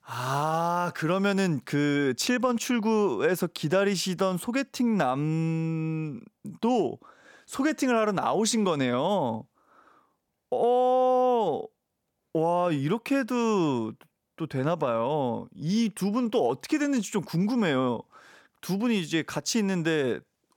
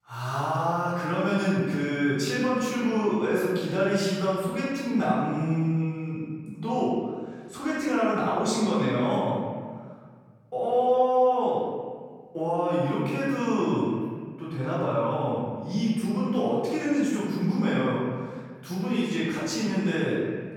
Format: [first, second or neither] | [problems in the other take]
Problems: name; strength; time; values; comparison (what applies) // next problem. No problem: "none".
first | off-mic speech; far // room echo; strong; dies away in 1.8 s